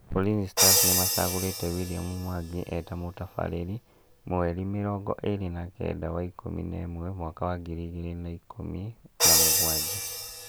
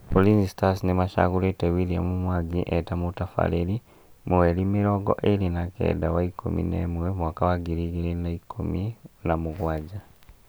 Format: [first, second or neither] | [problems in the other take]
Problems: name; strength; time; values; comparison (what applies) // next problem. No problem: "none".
second | background sound (Crash cymbal); 2 dB above the speech